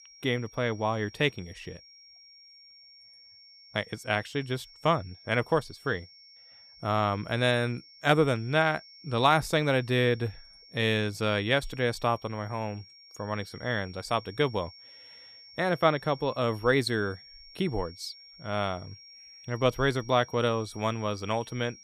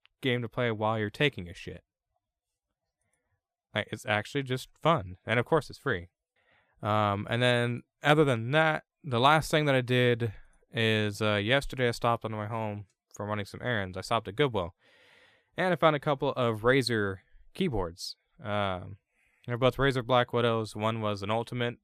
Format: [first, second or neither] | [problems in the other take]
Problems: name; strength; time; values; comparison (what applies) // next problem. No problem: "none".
second | high-pitched whine; faint; throughout; 5.5 kHz, 20 dB below the speech